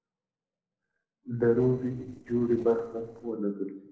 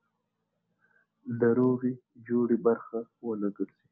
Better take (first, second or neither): second